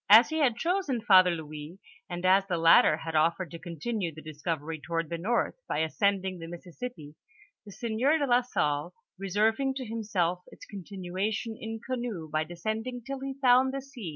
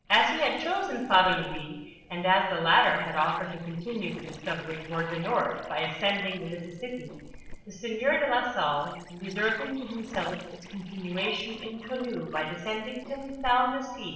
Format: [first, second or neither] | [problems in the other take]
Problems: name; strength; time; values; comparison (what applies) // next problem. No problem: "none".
first | noise reduction (neural separator model SepFormer DNS4)